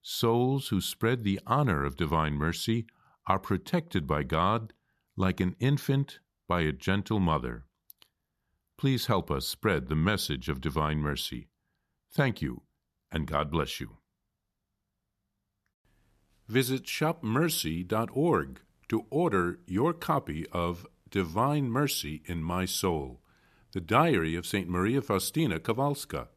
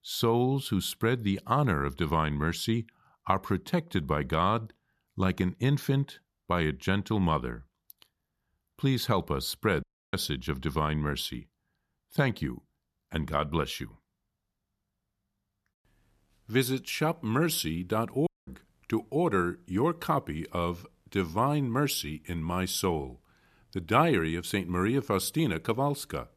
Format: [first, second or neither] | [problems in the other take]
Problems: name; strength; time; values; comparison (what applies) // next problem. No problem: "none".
first | audio cutting out; at 10 s and at 18 s